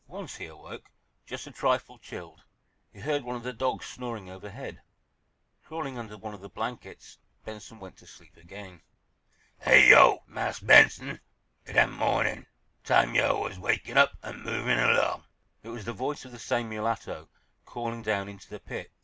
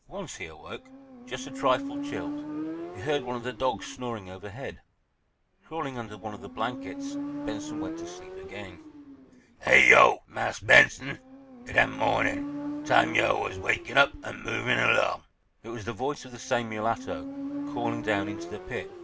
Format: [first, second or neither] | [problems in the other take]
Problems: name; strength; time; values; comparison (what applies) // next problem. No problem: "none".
first | background sound (Motorcycle); 10 dB below the speech